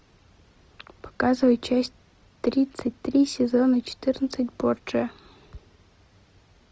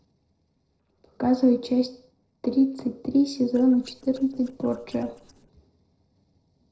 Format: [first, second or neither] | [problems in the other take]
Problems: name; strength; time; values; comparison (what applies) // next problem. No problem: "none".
first | noise reduction (neural separator model SepFormer DNS4)